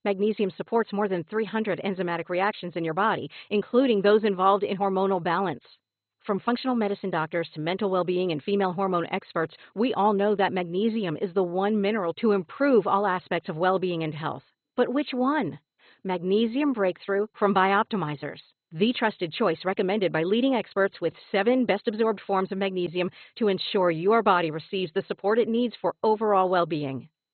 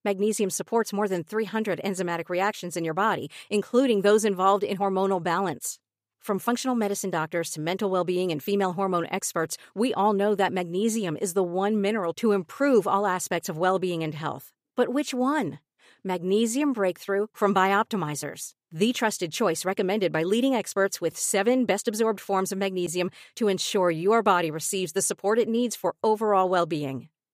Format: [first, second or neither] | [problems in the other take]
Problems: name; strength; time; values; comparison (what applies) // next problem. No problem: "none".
second | garbled, watery; badly; nothing above 4 kHz